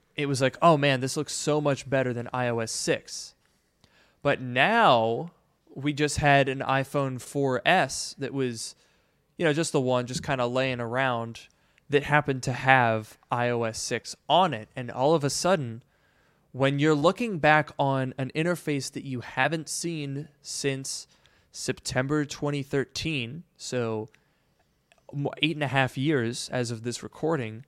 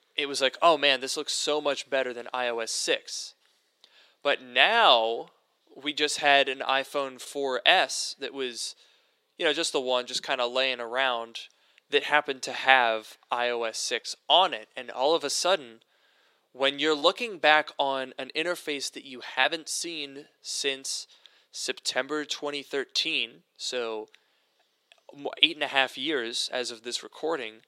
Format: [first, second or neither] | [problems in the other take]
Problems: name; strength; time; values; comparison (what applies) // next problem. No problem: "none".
first | thin; somewhat; fading below 350 Hz